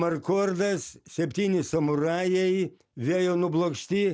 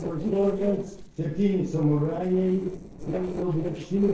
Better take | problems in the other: first | noise reduction (neural separator model SepFormer DNS4)

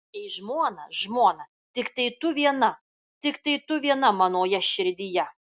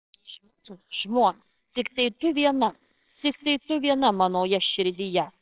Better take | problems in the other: first | noise reduction (neural separator model SepFormer WHAMR!)

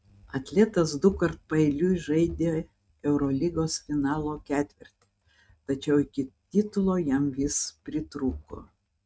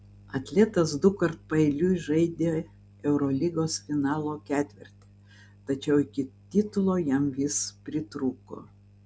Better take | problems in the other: second | noise reduction (neural mask model RNNoise)

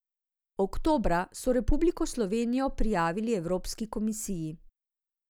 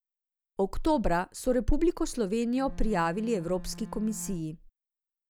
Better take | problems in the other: first | background sound (Bowed string instrument); 17 dB below the speech

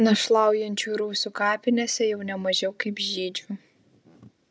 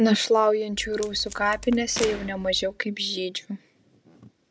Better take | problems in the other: first | background sound (Packing tape, duct tape + Gunshot, gunfire); 13 dB below the speech

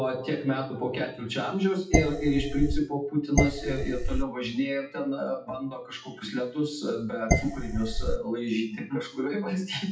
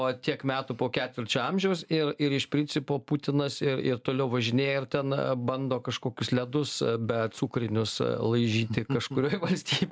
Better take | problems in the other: second | noise reduction (classical method WPE with log-MMSE)

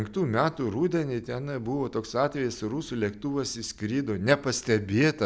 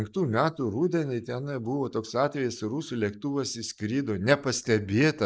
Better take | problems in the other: first | noise reduction (neural mask model Resemble Enhance denoiser)

